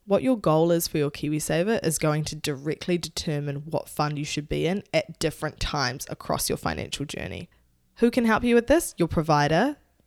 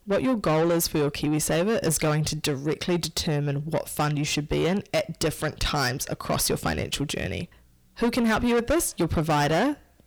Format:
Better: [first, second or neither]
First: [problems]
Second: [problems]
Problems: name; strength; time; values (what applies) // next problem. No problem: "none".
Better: first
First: none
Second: distortion; heavy; 7 dB below the speech